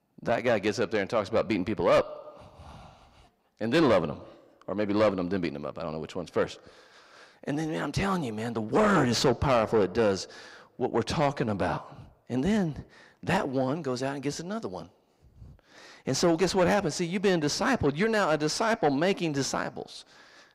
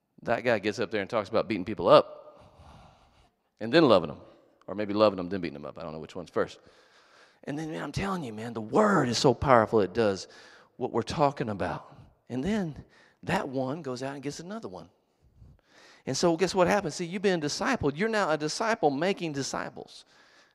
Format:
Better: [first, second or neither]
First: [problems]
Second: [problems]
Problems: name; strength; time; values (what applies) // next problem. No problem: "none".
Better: second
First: distortion; heavy; 8 dB below the speech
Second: none